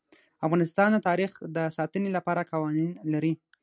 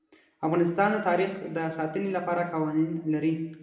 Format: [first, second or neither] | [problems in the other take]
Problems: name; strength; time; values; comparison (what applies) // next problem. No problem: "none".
first | room echo; dies away in 0.9 s